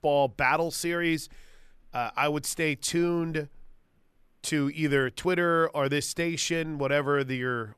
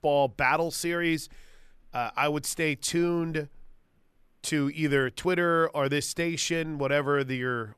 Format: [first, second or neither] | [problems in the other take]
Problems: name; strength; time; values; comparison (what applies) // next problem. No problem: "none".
neither | none